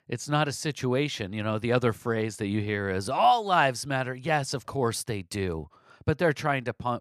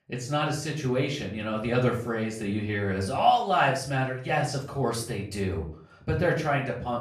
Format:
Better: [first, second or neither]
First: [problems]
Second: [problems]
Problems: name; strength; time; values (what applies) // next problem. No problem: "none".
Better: first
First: none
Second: room echo; slight; dies away in 0.4 s // off-mic speech; far